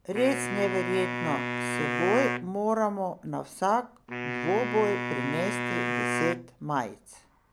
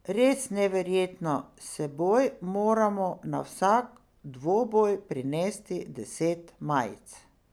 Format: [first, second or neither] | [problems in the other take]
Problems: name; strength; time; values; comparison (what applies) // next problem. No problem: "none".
second | background sound (Wind instrument, woodwind instrument); 3 dB below the speech